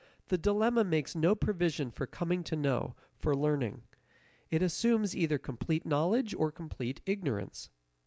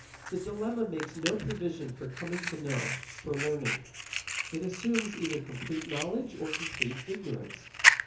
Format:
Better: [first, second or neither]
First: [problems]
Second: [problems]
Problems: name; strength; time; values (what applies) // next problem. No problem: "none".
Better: first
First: none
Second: background sound (Fire); 1 dB above the speech // room echo; dies away in 0.7 s